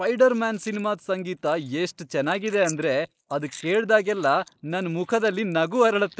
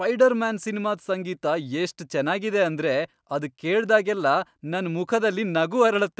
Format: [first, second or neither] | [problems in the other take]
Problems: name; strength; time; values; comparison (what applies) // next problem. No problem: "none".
second | noise reduction (neural mask model Resemble Enhance denoiser)